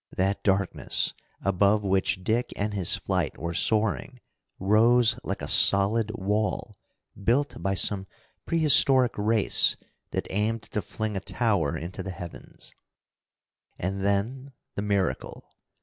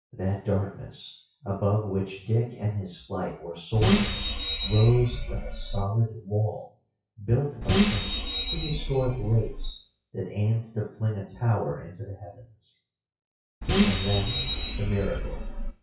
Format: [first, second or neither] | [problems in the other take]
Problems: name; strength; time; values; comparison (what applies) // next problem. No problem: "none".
first | noise reduction (classical method WPE with log-MMSE)